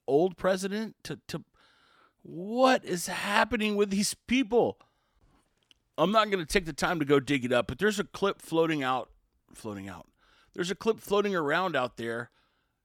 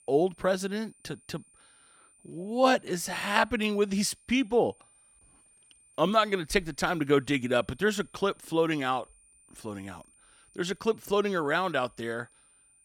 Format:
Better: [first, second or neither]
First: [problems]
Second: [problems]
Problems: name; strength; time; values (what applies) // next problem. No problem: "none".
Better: first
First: none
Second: high-pitched whine; faint; throughout; 9 kHz, 30 dB below the speech